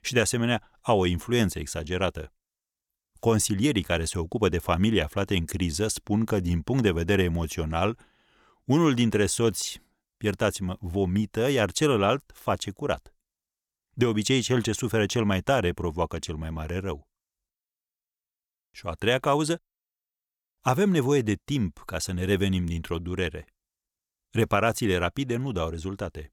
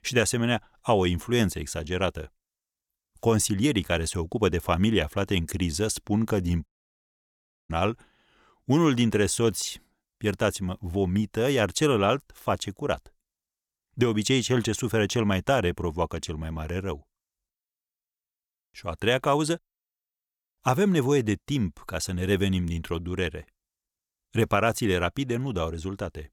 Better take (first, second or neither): first